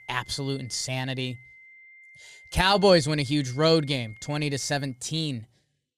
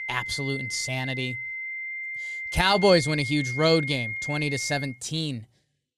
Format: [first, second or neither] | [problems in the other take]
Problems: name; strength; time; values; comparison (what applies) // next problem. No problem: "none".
first | high-pitched whine; loud; until 5 s; 2 kHz, 6 dB below the speech; faint in the first